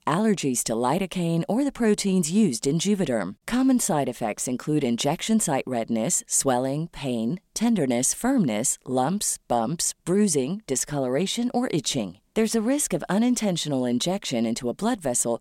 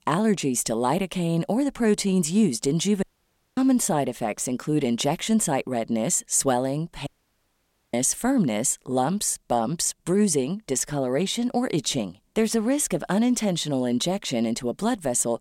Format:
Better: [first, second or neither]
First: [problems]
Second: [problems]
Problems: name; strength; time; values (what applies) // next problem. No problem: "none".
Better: first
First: none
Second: audio cutting out; at 3 s for 0.5 s and at 7 s for 1 s